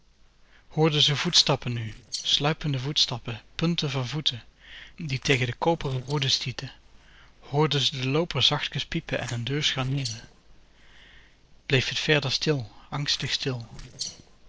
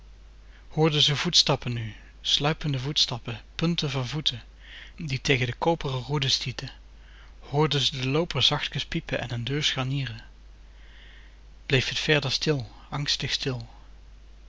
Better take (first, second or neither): second